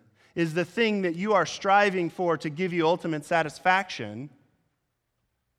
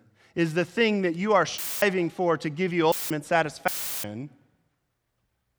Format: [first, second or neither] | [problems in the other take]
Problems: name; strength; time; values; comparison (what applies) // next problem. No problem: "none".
first | audio cutting out; filled with static; at 1.5 s, at 3 s and at 3.5 s